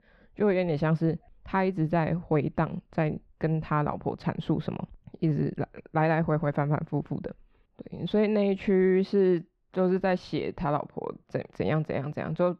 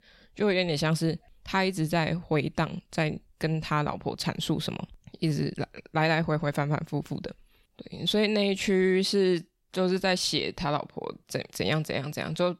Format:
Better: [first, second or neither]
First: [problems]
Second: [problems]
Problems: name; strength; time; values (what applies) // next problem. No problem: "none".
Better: second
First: muffled; very; fading above 4 kHz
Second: none